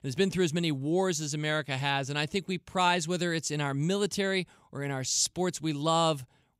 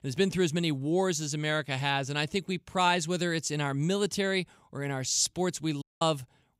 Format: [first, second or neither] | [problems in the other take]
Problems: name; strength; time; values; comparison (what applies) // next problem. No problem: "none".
first | audio cutting out; at 6 s